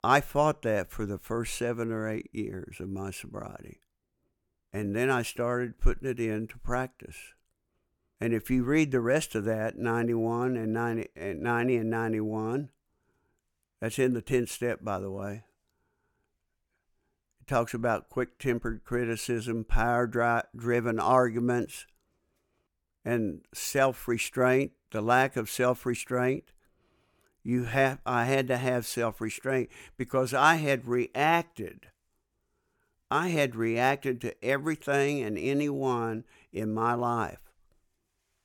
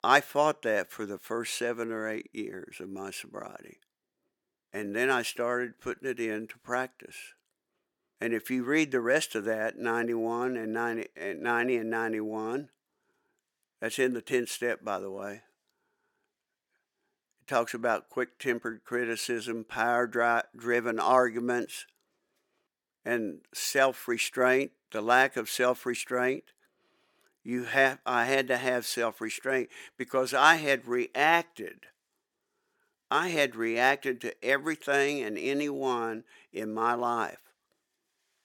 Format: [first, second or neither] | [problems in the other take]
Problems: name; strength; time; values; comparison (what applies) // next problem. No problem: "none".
first | thin; very slightly; fading below 300 Hz